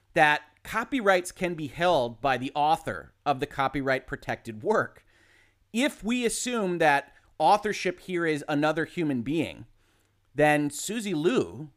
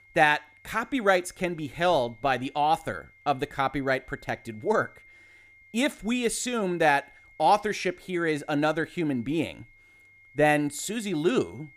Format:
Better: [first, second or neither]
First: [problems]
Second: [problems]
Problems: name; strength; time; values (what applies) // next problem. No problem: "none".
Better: first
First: none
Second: high-pitched whine; faint; throughout; 2 kHz, 25 dB below the speech